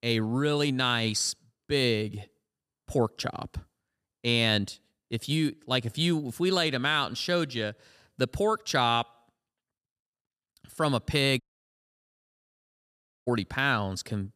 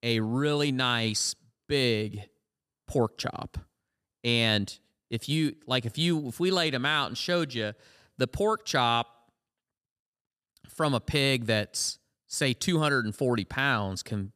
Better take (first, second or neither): second